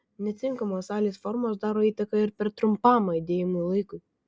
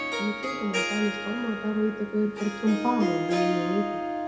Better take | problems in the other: first | background sound (Harp); 2 dB below the speech // room echo; dies away in 0.6 s

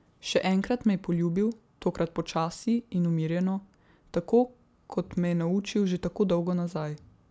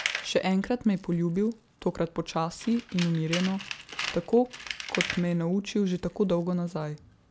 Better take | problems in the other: first | background sound (Tools); 11 dB below the speech

